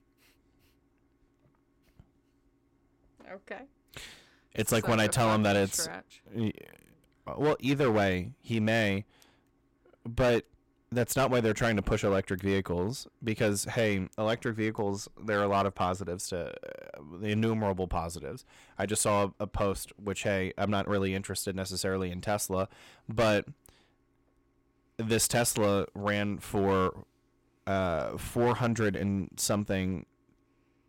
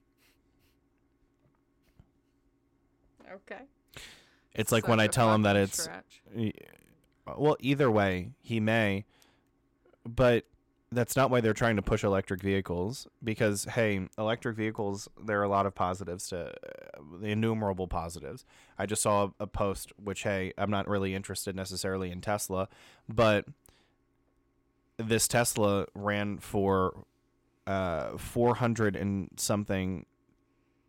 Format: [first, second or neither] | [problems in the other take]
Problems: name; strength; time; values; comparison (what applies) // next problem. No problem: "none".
second | distortion; slight; 5% of the sound clipped